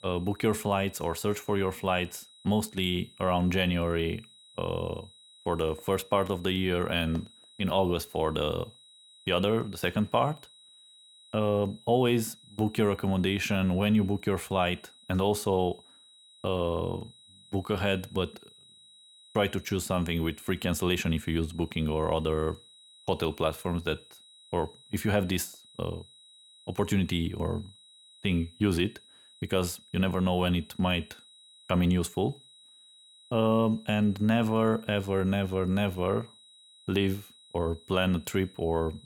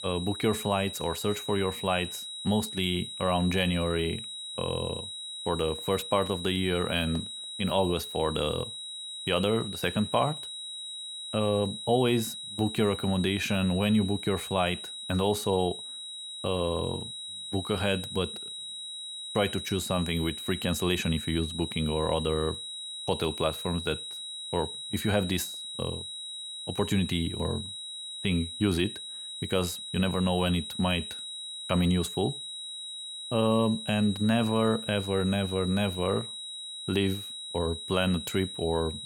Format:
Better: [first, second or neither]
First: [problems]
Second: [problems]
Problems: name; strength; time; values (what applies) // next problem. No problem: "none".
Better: first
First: high-pitched whine; faint; throughout; 4 kHz, 25 dB below the speech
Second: high-pitched whine; loud; throughout; 4 kHz, 7 dB below the speech